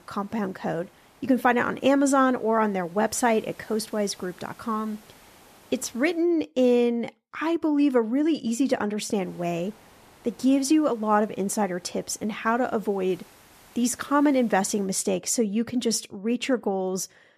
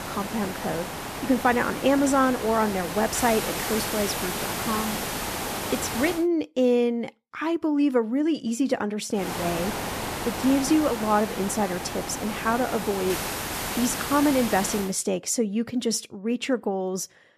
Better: first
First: hiss; faint; until 6 s and from 9 to 15 s; 30 dB below the speech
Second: hiss; loud; until 6 s and from 9 to 15 s; 5 dB below the speech

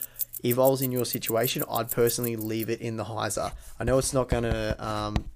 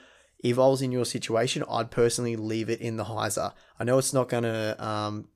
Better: second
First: household noises; loud; throughout; 7 dB below the speech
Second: none

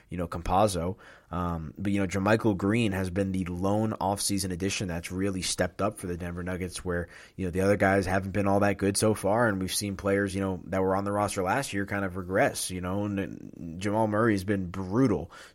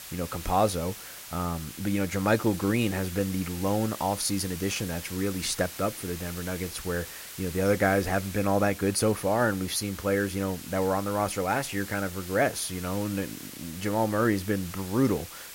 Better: first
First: none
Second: hiss; noticeable; throughout; 10 dB below the speech

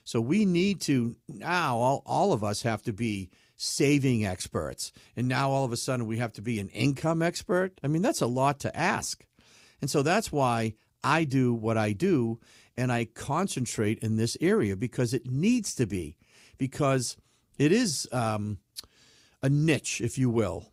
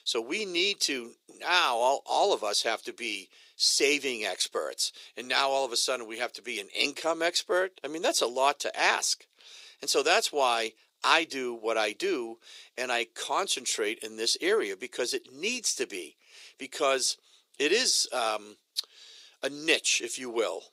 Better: first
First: none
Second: thin; very; fading below 400 Hz

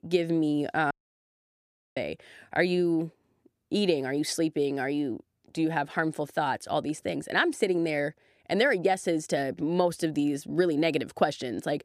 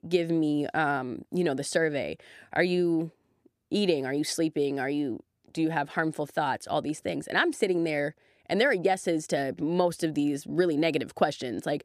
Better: second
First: audio cutting out; at 1 s for 1 s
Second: none

